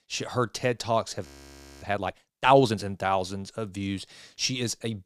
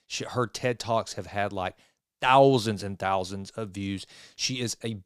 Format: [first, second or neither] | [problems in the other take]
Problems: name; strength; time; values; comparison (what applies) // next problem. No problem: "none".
second | audio freezing; at 1.5 s for 0.5 s